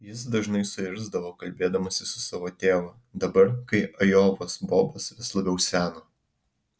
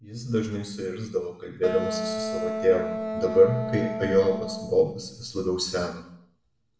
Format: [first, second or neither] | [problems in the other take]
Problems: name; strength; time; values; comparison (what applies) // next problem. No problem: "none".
first | background sound (Wind instrument, woodwind instrument); 5 dB below the speech // room echo; dies away in 0.7 s